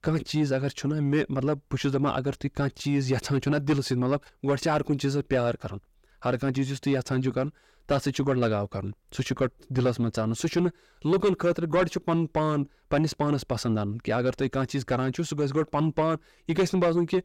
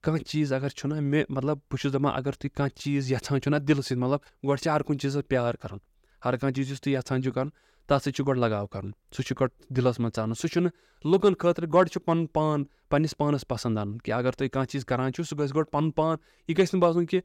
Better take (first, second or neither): second